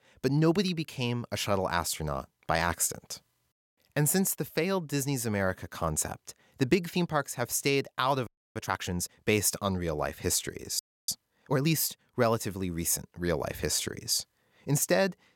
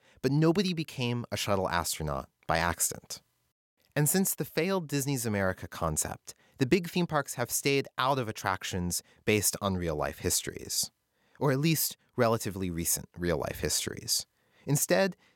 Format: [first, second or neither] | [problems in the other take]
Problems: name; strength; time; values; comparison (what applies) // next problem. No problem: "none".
second | audio freezing; at 8.5 s and at 11 s